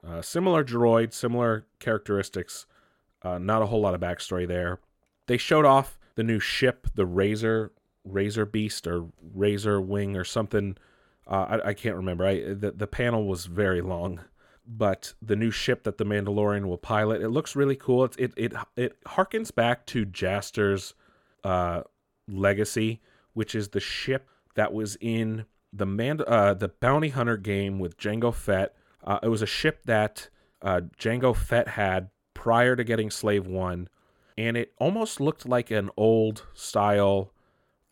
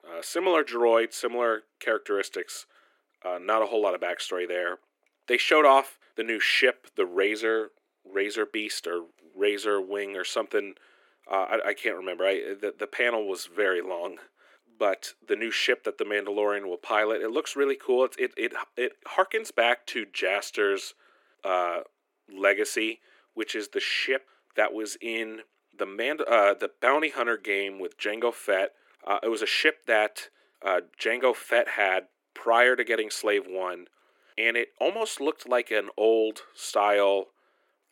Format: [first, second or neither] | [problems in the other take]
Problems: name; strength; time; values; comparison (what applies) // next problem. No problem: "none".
first | thin; very; fading below 300 Hz